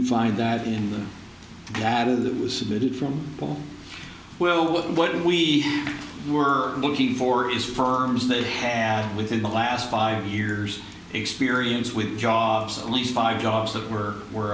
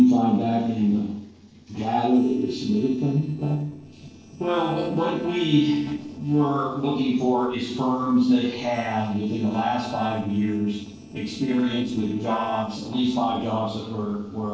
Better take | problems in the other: first | noise reduction (neural separator model SepFormer DNS4)

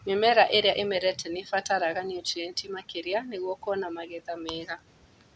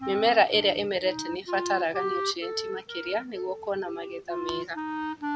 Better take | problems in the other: first | background sound (Wind instrument, woodwind instrument); 6 dB below the speech

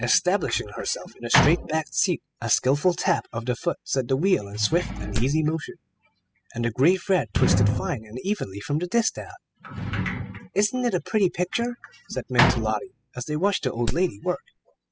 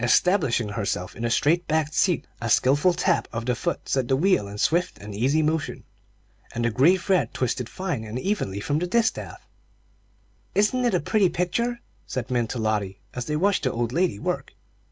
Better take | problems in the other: second | noise reduction (classical method spectral subtraction)

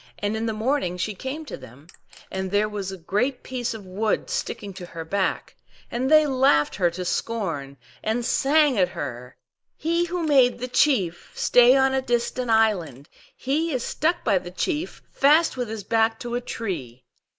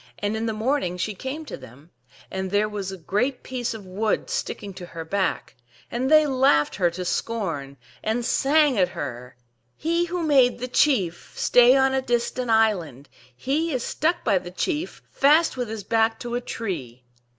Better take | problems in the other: second | noise reduction (neural mask model Resemble Enhance denoiser)

